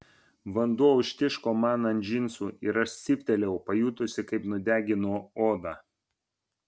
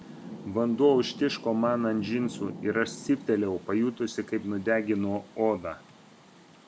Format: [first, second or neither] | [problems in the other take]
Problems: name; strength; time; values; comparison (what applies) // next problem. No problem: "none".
first | background sound (Rain); 15 dB below the speech